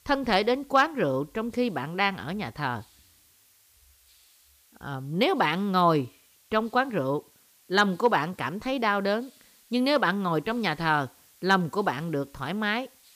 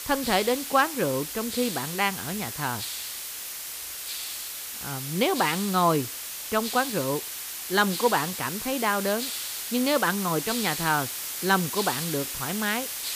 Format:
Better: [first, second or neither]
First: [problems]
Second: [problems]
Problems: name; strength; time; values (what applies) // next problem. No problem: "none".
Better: first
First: hiss; faint; throughout; 30 dB below the speech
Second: hiss; loud; throughout; 5 dB below the speech